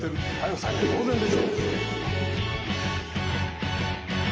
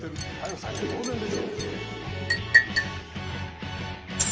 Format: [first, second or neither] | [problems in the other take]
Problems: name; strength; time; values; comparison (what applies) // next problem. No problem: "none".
first | background sound (Liquid); 3 dB above the speech